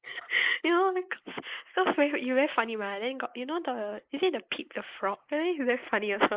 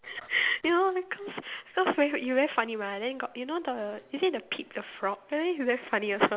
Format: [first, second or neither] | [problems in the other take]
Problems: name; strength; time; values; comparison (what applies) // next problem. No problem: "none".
second | noise reduction (neural mask model Resemble Enhance denoiser)